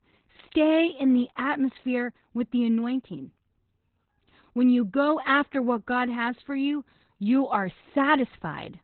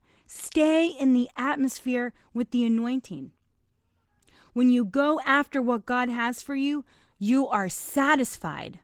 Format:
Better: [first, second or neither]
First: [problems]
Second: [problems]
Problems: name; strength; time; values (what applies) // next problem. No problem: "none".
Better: second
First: garbled, watery; badly; nothing above 4 kHz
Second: garbled, watery; slightly